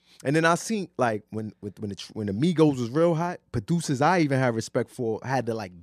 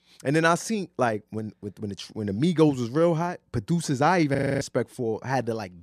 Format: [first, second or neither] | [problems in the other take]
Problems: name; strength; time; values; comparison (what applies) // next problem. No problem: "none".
first | audio freezing; at 4.5 s